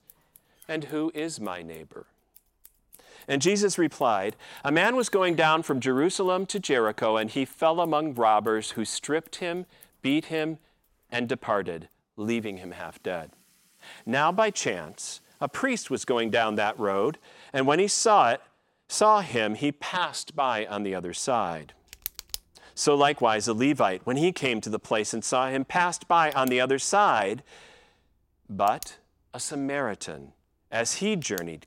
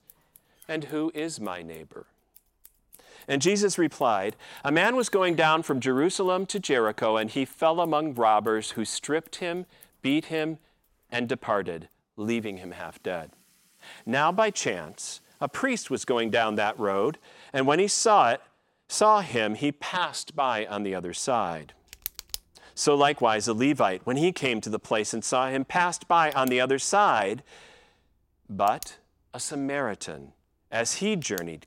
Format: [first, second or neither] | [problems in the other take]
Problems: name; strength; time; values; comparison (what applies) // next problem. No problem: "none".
neither | household noises; faint; throughout; 20 dB below the speech; the same in both